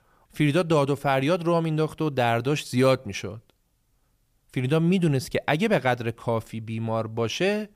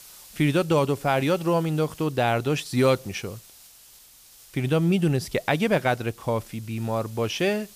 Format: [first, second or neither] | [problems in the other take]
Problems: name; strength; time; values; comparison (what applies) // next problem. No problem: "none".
first | hiss; faint; throughout; 25 dB below the speech